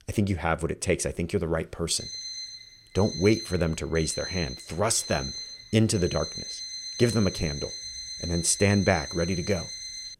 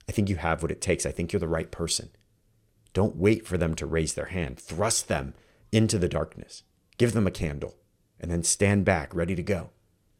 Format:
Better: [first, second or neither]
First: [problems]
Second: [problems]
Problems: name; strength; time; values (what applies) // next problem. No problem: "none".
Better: second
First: alarm; noticeable; from 2 s on; peak 7 dB below the speech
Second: none